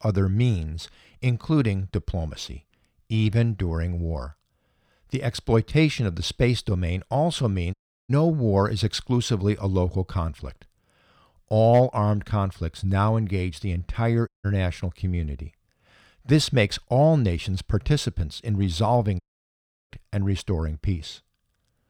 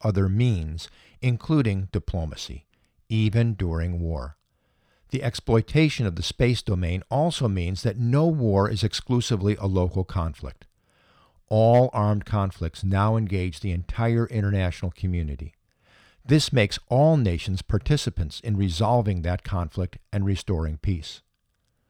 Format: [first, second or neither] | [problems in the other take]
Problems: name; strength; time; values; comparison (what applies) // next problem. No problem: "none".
second | audio cutting out; at 7.5 s, at 14 s and at 19 s for 0.5 s